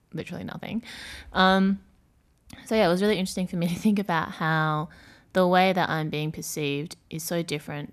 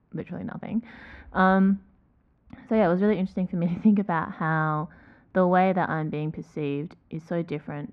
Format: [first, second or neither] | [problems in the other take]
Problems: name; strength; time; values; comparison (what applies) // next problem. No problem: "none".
first | muffled; very; fading above 1.5 kHz